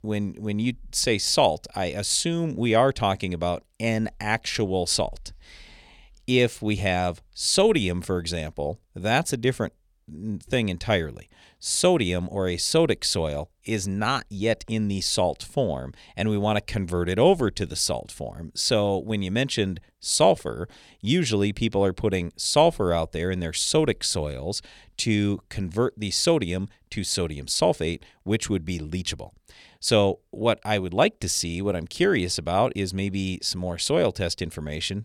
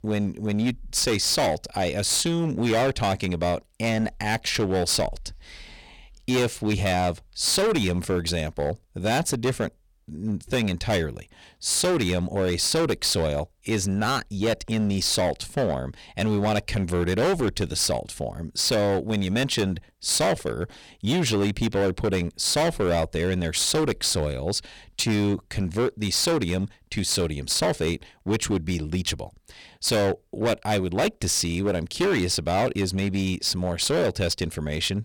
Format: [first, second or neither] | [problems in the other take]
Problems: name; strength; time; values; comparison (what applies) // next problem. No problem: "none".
first | distortion; heavy; 14% of the sound clipped